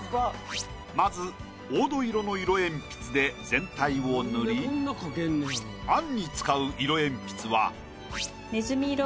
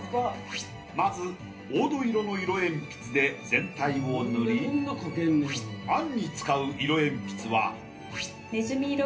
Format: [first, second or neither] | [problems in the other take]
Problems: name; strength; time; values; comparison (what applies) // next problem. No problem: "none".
first | room echo; dies away in 0.3 s